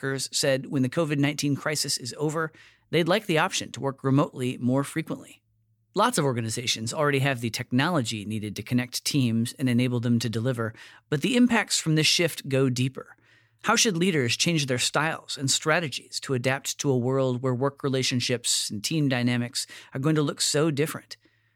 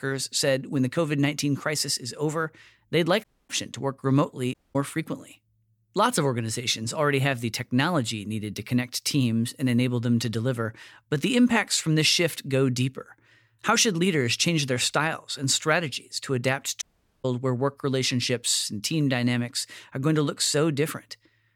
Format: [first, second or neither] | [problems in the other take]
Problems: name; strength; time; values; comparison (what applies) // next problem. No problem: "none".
first | audio cutting out; at 3 s, at 4.5 s and at 17 s